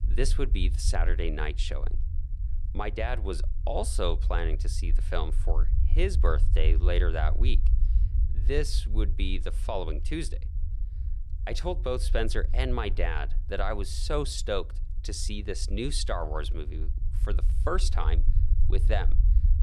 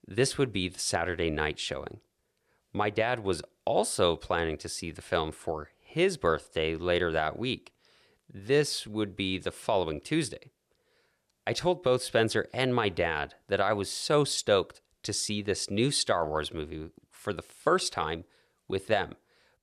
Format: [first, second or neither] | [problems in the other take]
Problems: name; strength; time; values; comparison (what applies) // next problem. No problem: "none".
second | low rumble; noticeable; throughout; 15 dB below the speech